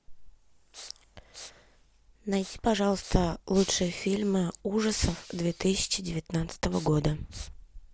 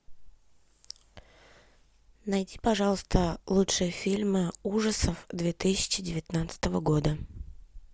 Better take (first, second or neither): second